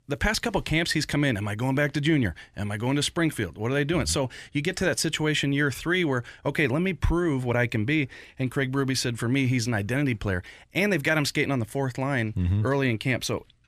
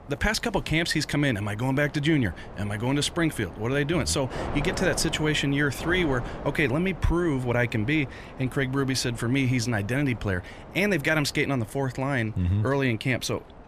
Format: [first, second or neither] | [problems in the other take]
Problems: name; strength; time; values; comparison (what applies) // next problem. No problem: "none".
first | wind noise on the microphone; occasional gusts; 15 dB below the speech